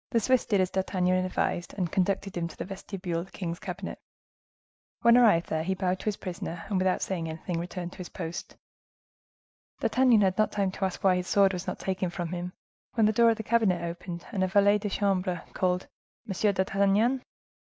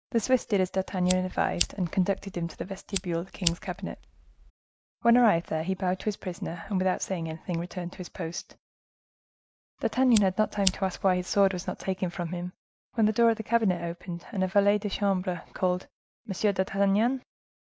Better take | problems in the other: first | background sound (Fire); 9 dB below the speech

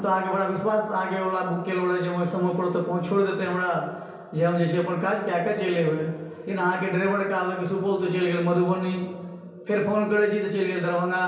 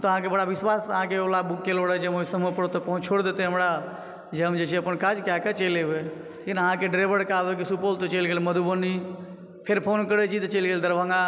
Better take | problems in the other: second | room echo; dies away in 0.6 s

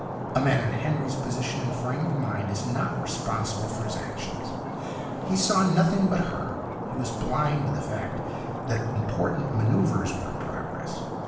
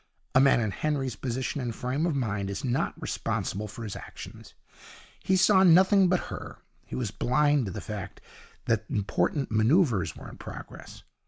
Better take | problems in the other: second | background sound (Stream); 4 dB below the speech // room echo; dies away in 1 s

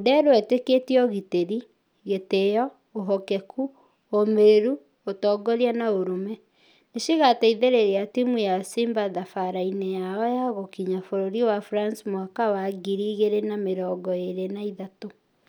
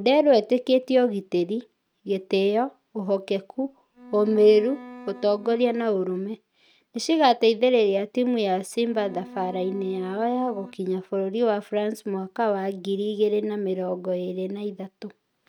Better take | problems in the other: first | noise reduction (neural mask model RNNoise)

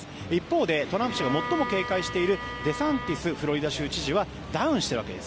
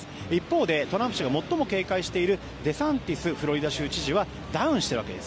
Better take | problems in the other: second | background sound (Bowed string instrument); 8 dB below the speech

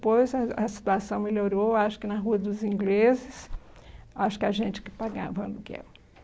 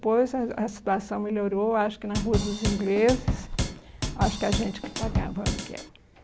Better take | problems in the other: first | background sound (Drum / Drum kit); 2 dB below the speech

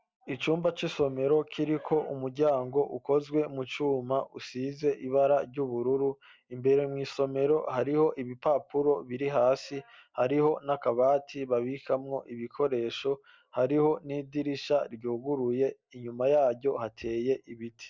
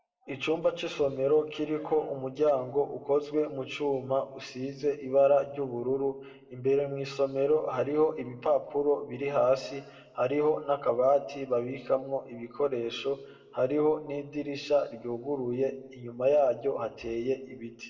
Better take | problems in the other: first | room echo; dies away in 1.1 s

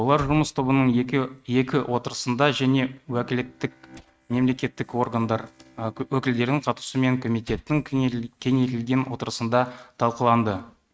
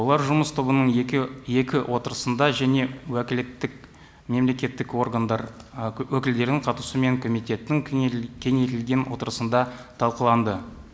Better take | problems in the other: second | noise reduction (neural mask model RNNoise)

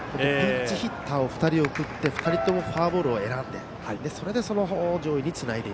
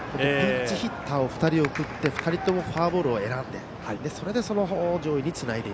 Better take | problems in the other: second | background sound (Keyboard (musical)); 8 dB below the speech

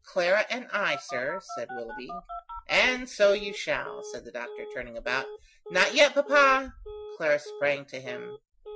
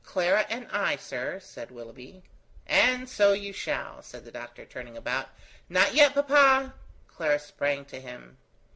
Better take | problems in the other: second | noise reduction (classical method Wiener filter)

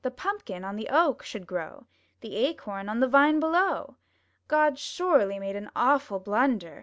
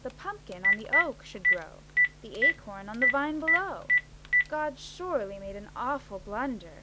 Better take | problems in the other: first | background sound (Telephone); 5 dB above the speech

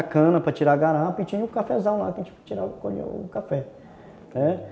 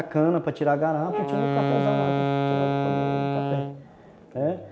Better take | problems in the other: first | background sound (Wind instrument, woodwind instrument); 1 dB above the speech

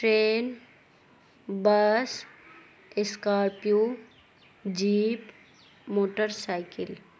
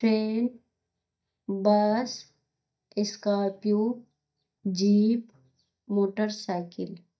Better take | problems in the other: first | noise reduction (neural mask model DeepFilterNet 3)

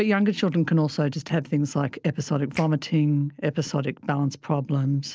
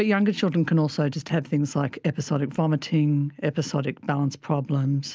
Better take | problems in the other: second | noise reduction (neural separator model SepFormer DNS4)

